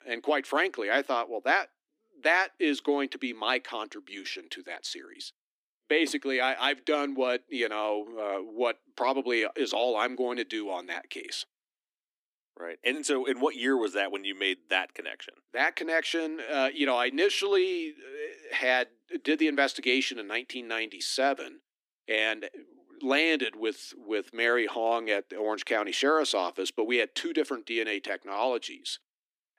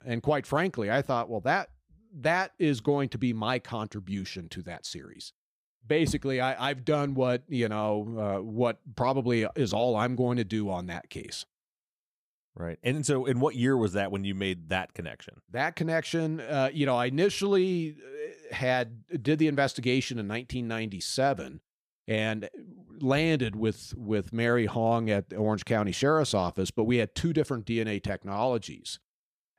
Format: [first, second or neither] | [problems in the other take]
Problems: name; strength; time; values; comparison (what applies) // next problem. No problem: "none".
second | thin; somewhat; fading below 250 Hz